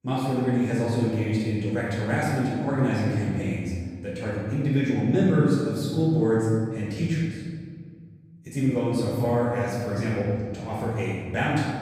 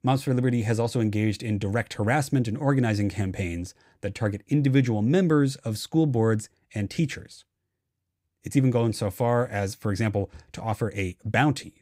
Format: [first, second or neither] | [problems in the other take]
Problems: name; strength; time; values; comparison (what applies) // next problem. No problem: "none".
second | room echo; strong; dies away in 1.7 s // off-mic speech; far